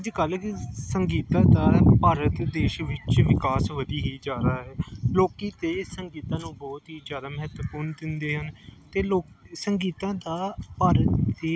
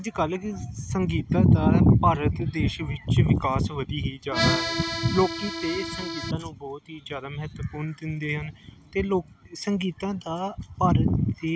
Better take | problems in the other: first | background sound (Accordion); 4 dB below the speech

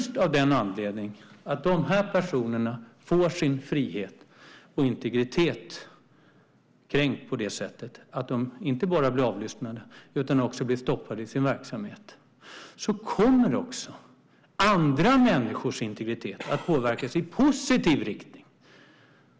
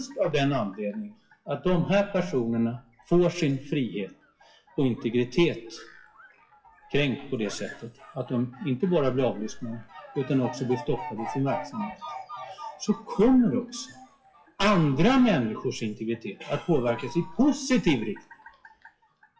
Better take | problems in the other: first | noise reduction (classical method WPE with log-MMSE)

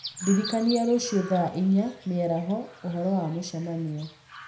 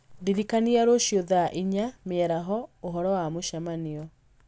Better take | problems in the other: second | background sound (Chirp, tweet); 16 dB below the speech // room echo; dies away in 0.5 s

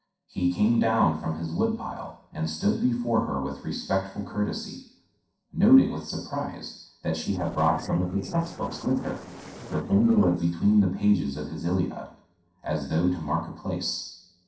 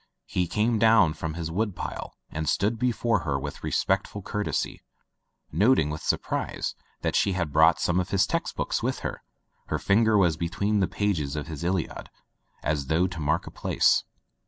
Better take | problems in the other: second | noise reduction (neural separator model SepFormer DNS4)

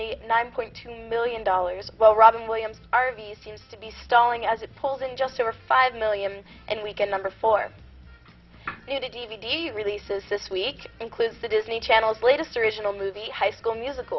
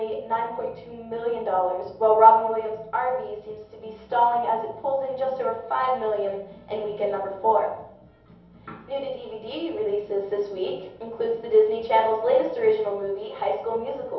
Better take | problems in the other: first | room echo; dies away in 0.8 s

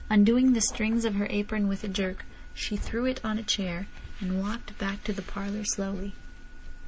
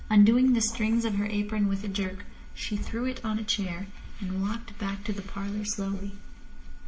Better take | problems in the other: first | room echo; dies away in 1.3 s

